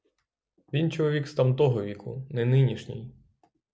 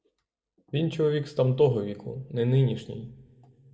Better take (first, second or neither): first